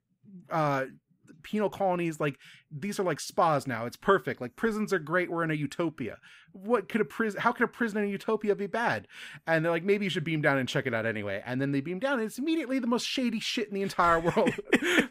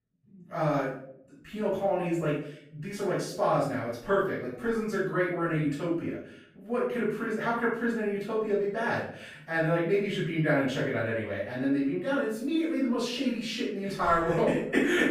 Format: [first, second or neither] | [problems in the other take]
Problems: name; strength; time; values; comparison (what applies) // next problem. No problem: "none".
first | off-mic speech; far // room echo; noticeable; dies away in 0.5 s